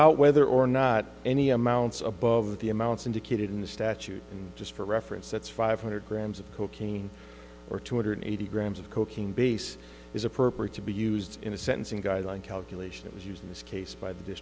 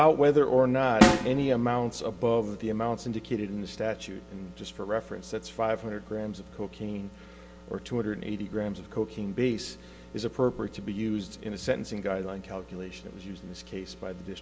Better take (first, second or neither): first